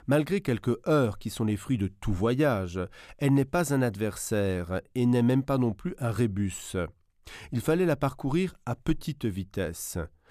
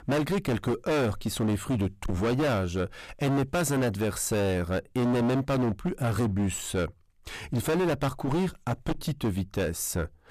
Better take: first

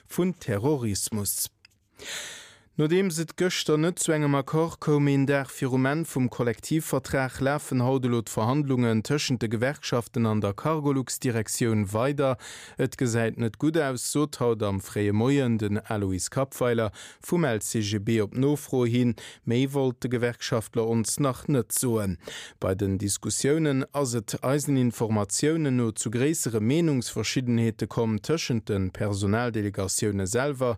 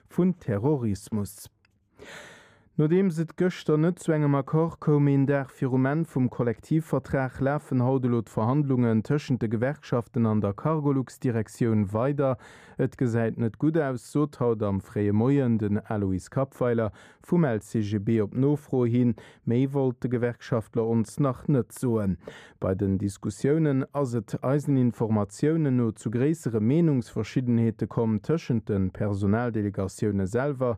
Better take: first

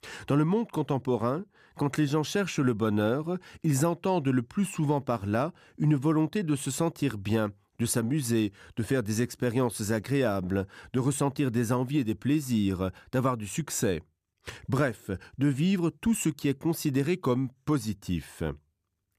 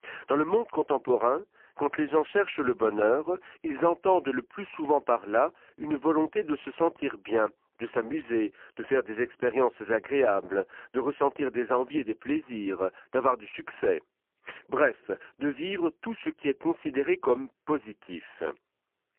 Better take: first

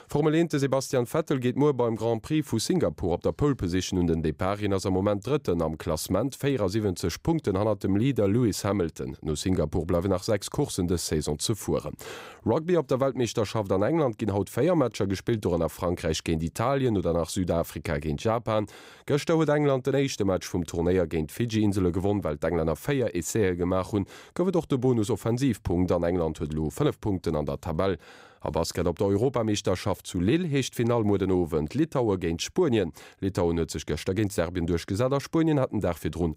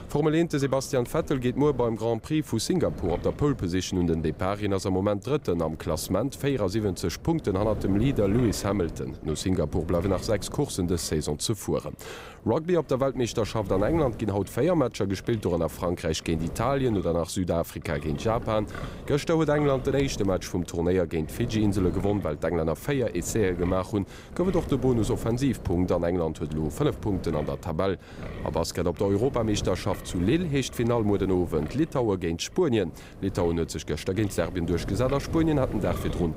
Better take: first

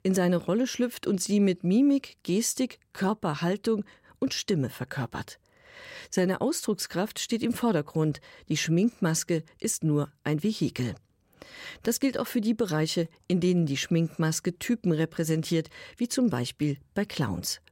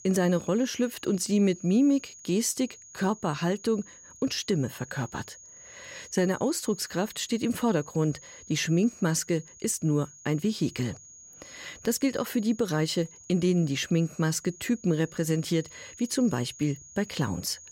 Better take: first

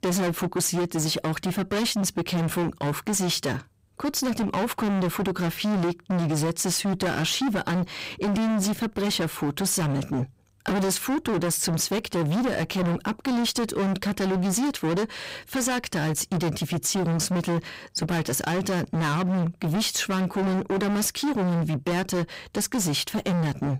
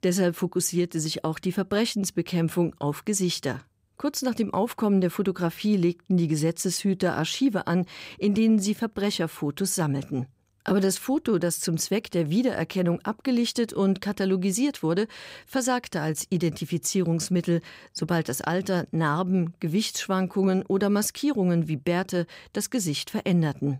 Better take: second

